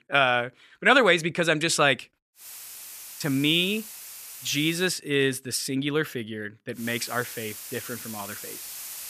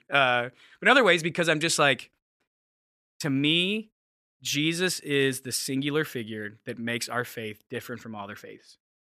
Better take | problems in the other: second | hiss; noticeable; from 2.5 to 5 s and from 7 s on; 15 dB below the speech

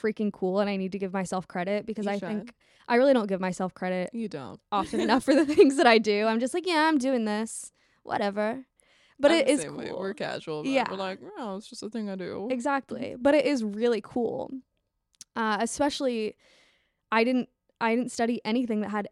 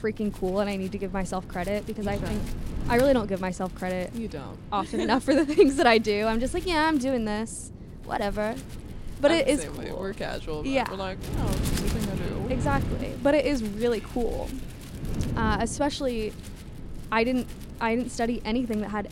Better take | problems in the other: first | wind noise on the microphone; occasional gusts; 15 dB below the speech

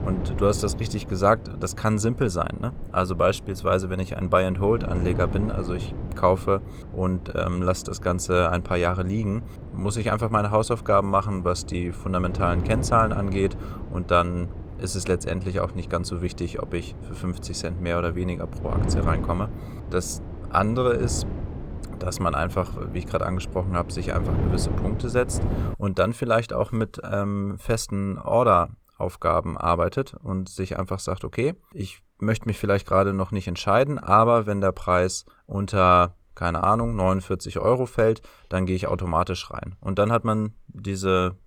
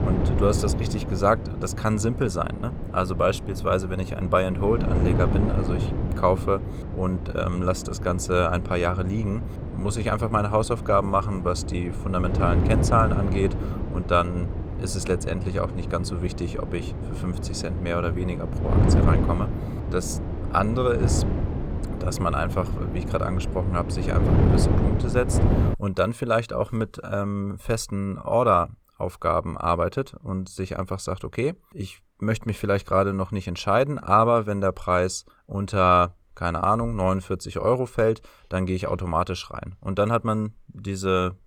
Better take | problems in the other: first | wind noise on the microphone; heavy; until 26 s; 10 dB below the speech; occasional gusts in the first

